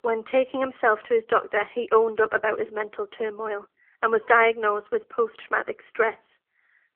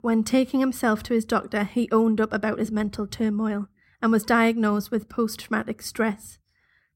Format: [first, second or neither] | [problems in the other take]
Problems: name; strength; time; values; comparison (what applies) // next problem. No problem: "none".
second | phone-call audio; poor line; nothing above 3 kHz